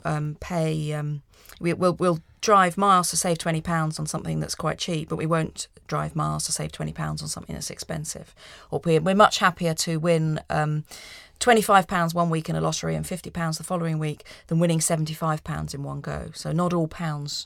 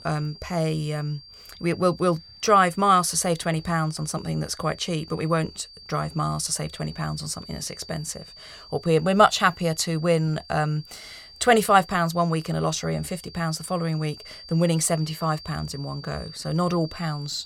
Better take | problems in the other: first | high-pitched whine; noticeable; throughout; 4.5 kHz, 20 dB below the speech

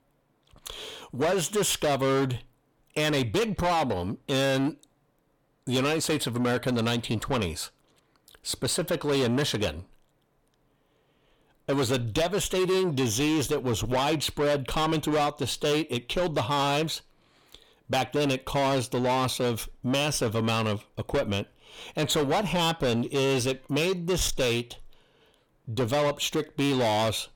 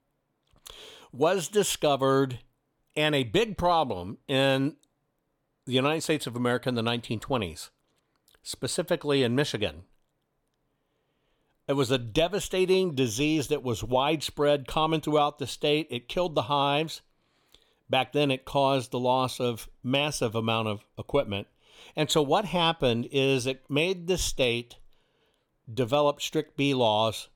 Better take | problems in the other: second | distortion; heavy; 7 dB below the speech

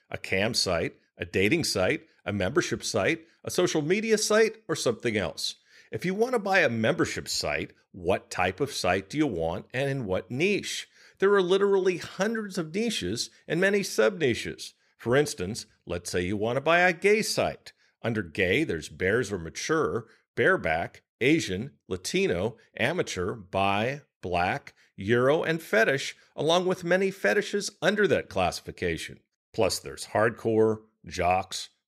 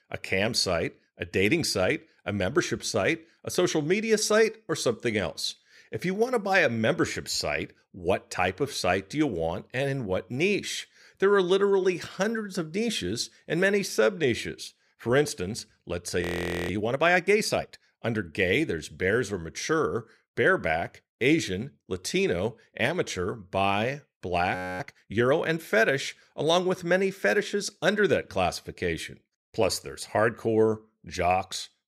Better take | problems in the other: first | audio freezing; at 16 s and at 25 s

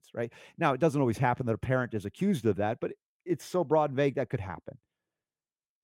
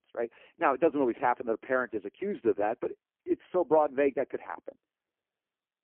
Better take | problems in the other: first | phone-call audio; poor line

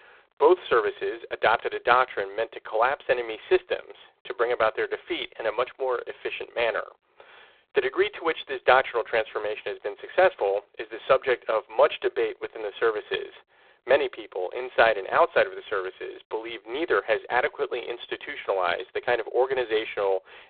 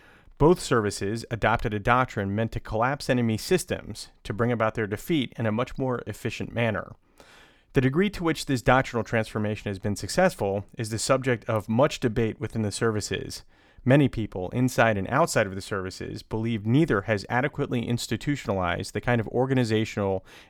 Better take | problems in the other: second | phone-call audio; poor line; nothing above 4 kHz

